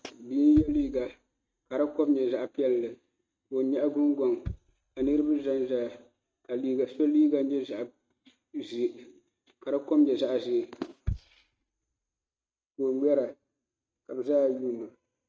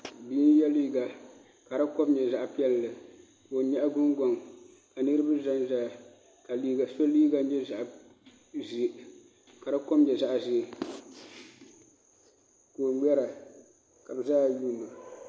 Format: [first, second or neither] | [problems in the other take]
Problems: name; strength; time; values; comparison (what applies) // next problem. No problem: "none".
second | noise reduction (neural mask model RNNoise)